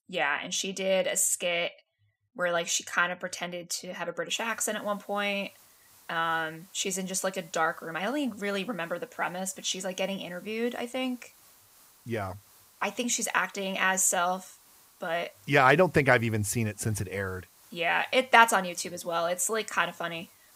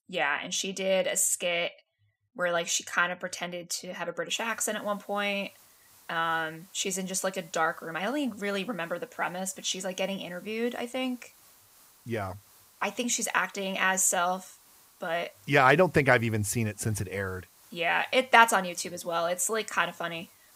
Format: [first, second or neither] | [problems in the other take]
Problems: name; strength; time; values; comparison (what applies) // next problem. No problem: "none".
neither | hiss; faint; from 4.5 s on; 25 dB below the speech; the same in both